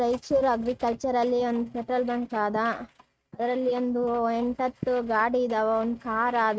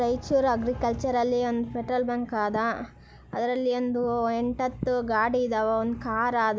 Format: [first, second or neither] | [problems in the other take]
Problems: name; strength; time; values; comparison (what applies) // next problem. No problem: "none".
second | noise reduction (neural mask model RNNoise)